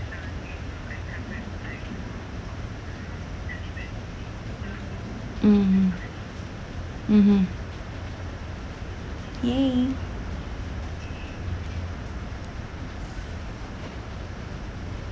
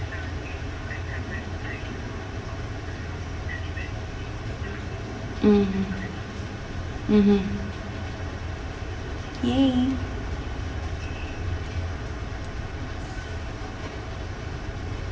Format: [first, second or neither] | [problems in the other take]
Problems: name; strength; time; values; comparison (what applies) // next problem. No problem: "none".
first | room echo; dies away in 1.4 s